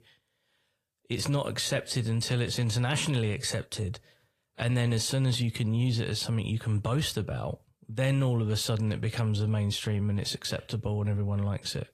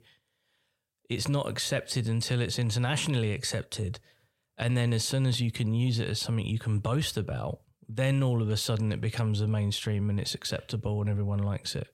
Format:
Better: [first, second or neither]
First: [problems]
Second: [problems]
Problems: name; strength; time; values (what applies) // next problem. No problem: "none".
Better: second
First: garbled, watery; slightly; nothing above 13 kHz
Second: none